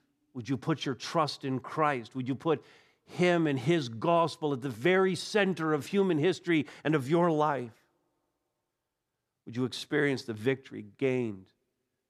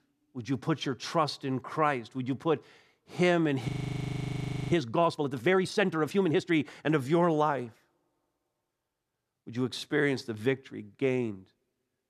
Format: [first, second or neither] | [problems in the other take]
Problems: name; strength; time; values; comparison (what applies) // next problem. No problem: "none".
first | audio freezing; at 3.5 s for 1 s